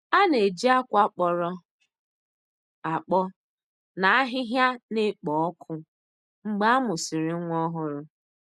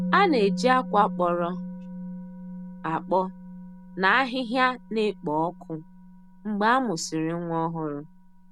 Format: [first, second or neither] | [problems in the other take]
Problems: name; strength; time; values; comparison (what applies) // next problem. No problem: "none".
first | background sound (Musical instrument); 11 dB below the speech